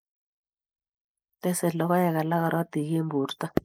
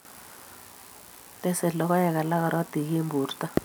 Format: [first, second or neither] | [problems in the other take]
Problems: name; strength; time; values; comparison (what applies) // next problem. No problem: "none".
second | noise reduction (neural mask model Resemble Enhance denoiser)